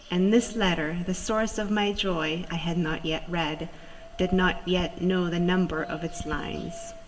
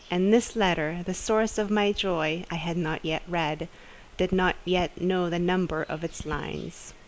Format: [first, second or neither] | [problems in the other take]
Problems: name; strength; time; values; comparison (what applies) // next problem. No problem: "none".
second | background sound (Wind); 19 dB below the speech // room echo; dies away in 1.6 s